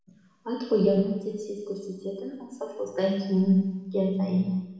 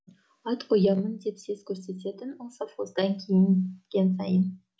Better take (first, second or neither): second